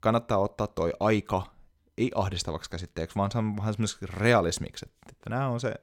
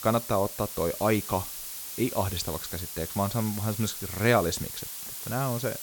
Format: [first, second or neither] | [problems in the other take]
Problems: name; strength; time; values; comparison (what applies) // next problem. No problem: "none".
first | hiss; loud; throughout; 6 dB below the speech